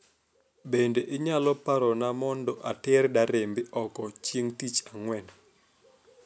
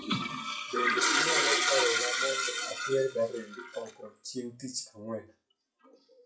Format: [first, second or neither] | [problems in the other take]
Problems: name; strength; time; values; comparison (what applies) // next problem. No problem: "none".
first | noise reduction (classical method WPE with log-MMSE)